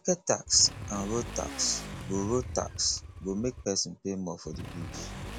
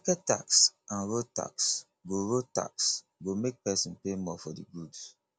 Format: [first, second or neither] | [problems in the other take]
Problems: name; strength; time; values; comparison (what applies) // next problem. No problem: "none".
second | background sound (Motorcycle / Accelerating, revving, vroom); 10 dB below the speech